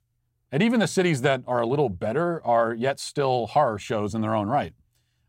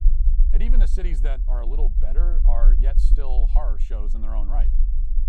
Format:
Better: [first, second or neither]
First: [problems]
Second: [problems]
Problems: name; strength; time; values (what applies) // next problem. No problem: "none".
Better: first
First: none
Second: low rumble; loud; throughout; 9 dB below the speech